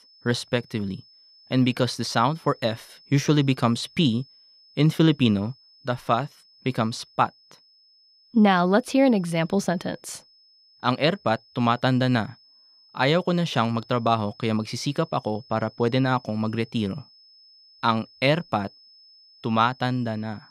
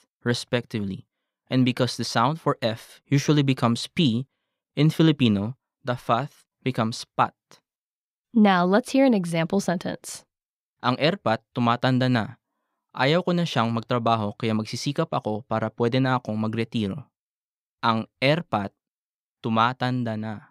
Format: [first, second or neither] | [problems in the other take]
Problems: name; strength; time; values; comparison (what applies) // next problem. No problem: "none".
second | high-pitched whine; faint; throughout; 5 kHz, 30 dB below the speech